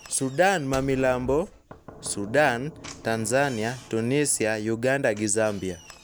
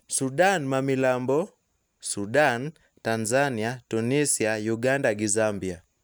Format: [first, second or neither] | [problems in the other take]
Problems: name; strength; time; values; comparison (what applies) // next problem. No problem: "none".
second | background sound (Knock / Slam); 18 dB below the speech